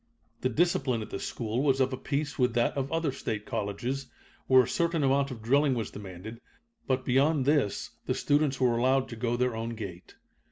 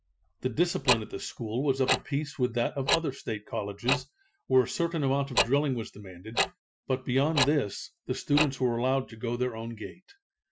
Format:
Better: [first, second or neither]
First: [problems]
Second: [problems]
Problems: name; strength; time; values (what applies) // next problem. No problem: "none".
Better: first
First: none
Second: noise reduction (classical method Wiener filter)